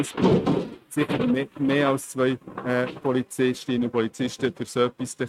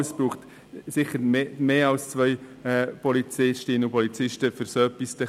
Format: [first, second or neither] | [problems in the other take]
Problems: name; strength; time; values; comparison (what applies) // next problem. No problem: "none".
second | noise reduction (neural mask model RNNoise)